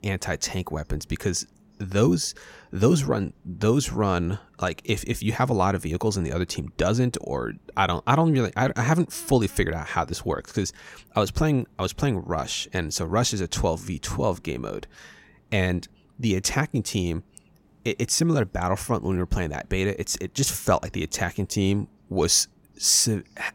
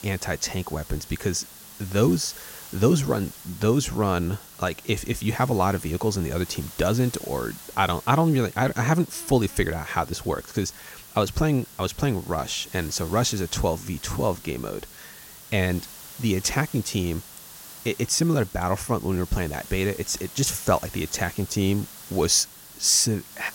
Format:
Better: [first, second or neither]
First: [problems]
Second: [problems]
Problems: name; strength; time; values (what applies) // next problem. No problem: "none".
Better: first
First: none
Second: hiss; noticeable; throughout; 15 dB below the speech